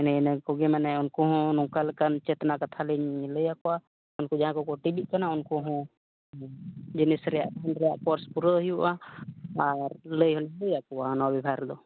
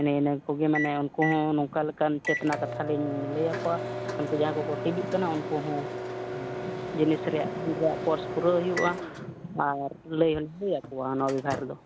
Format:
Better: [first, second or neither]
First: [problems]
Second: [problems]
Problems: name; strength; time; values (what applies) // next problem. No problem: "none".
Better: first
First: none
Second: background sound (Microwave oven); 7 dB below the speech